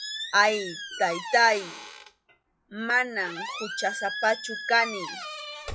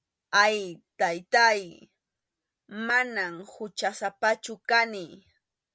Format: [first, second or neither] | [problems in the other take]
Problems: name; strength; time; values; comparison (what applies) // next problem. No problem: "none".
second | noise reduction (classical method log-MMSE)